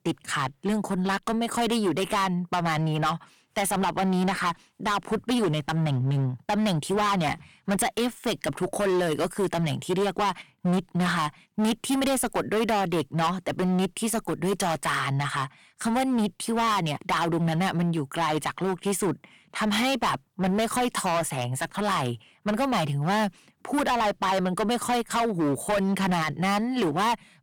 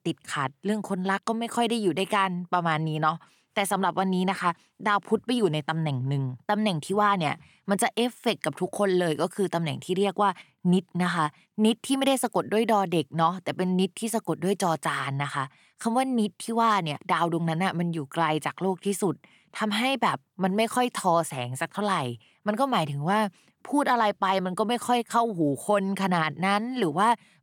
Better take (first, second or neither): second